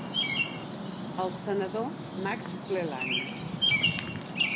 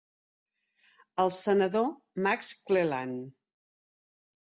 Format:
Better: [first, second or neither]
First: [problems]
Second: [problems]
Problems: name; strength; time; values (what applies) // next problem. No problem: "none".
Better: second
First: background sound (Bird vocalization, bird call, bird song); 5 dB above the speech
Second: none